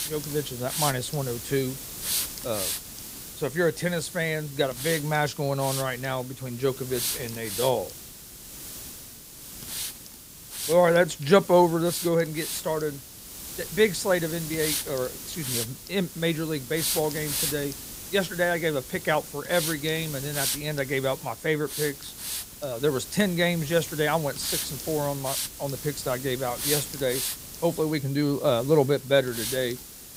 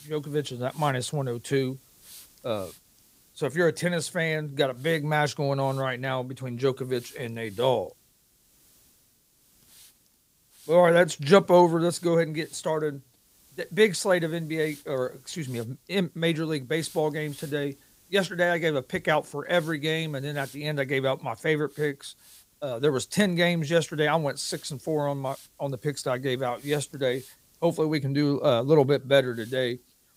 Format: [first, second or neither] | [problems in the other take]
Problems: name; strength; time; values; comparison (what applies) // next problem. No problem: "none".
second | hiss; loud; throughout; 6 dB below the speech; faint in the second